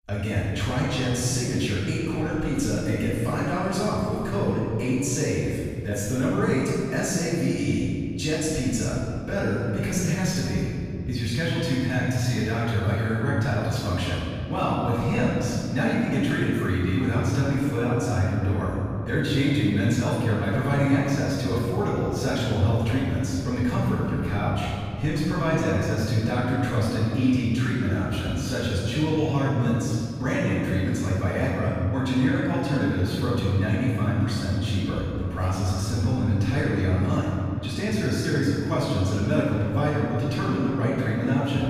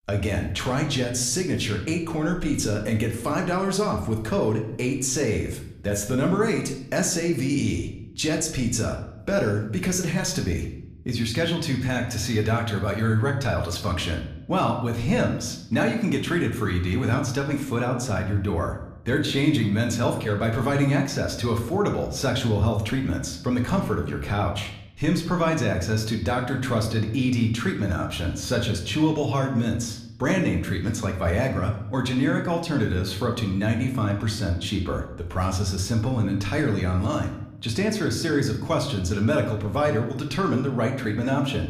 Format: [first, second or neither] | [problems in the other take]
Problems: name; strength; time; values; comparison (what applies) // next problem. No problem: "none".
second | room echo; strong; dies away in 2.6 s; slight in the second // off-mic speech; far